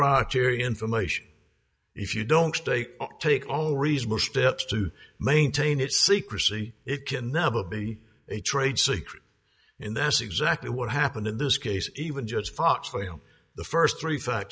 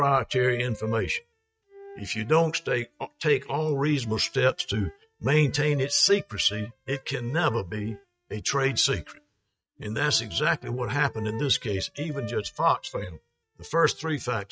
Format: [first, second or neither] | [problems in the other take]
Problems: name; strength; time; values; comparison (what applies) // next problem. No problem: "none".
first | noise reduction (neural mask model RNNoise)